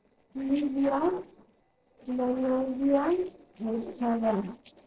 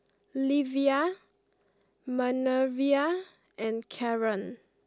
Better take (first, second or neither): second